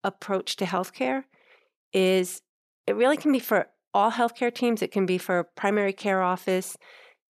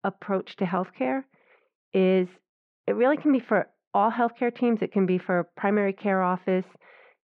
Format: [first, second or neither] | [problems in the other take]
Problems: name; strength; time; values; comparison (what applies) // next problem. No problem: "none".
first | muffled; very; fading above 2 kHz